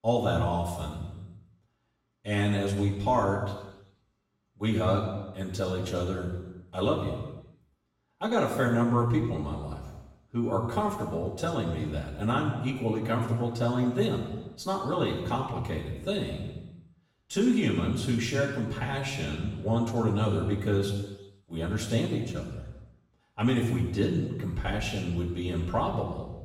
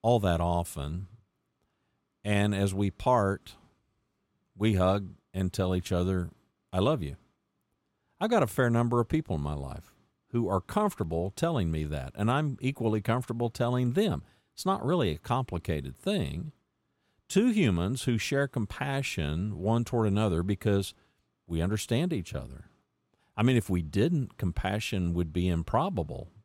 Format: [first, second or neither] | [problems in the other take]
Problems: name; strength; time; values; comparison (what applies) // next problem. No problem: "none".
second | room echo; noticeable; dies away in 1 s // off-mic speech; far